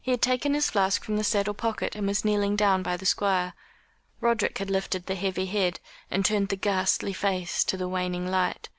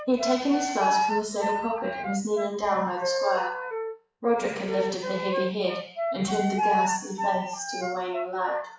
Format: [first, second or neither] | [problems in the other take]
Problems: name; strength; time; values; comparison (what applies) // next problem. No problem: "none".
first | noise reduction (classical method WPE with log-MMSE)